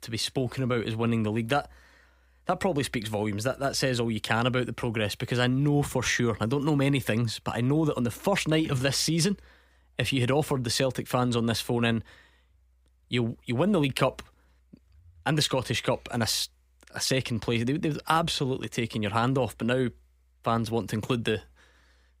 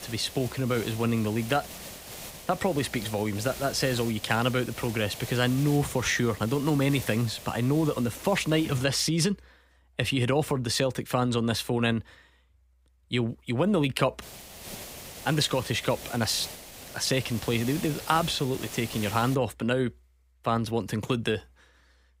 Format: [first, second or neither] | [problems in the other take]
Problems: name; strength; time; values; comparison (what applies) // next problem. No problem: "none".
first | hiss; noticeable; until 9 s and from 14 to 19 s; 15 dB below the speech